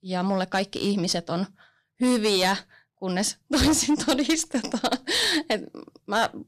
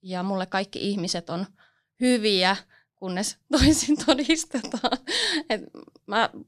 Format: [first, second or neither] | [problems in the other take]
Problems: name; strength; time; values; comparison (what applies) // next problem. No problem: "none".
second | distortion; heavy; 8% of the sound clipped